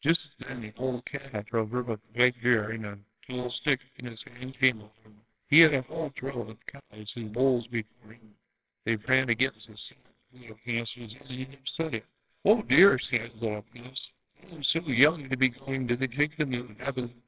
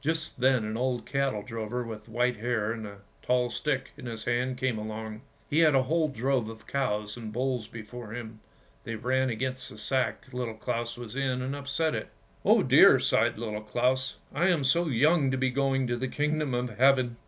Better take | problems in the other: second | noise reduction (neural separator model SepFormer WHAMR!)

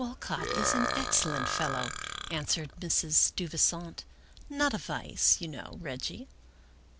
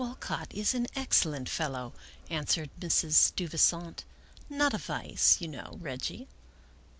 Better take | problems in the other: second | background sound (Burping, eructation); 2 dB below the speech

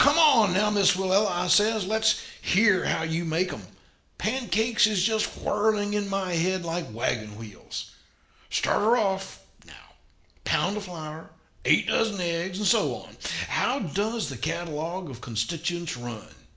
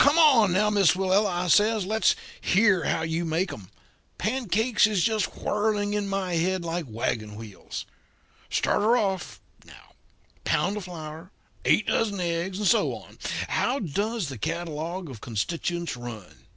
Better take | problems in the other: second | room echo; dies away in 0.6 s

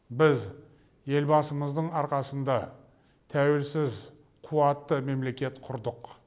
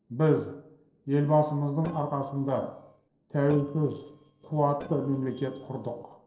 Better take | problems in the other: first | noise reduction (neural separator model SepFormer DNS4)

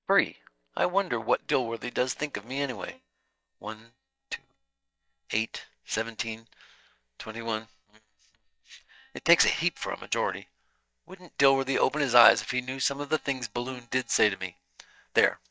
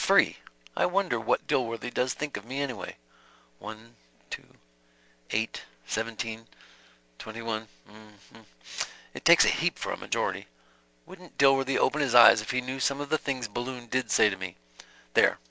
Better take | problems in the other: second | noise reduction (neural mask model DeepFilterNet 3)

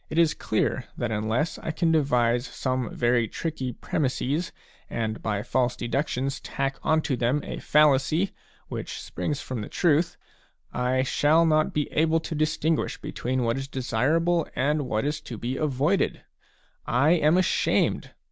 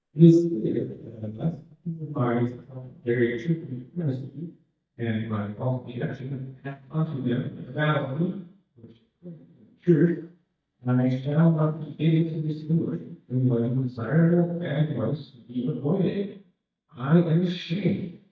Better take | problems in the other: first | noise reduction (neural mask model DeepFilterNet 3)

